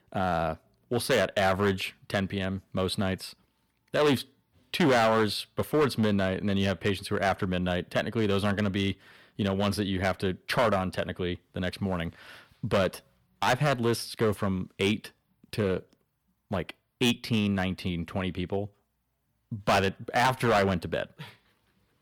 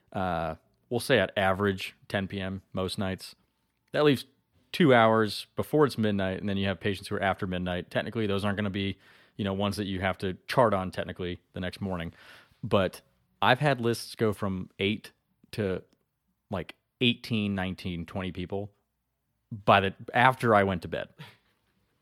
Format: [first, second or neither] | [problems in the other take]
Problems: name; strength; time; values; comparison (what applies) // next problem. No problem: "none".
second | distortion; heavy; 5% of the sound clipped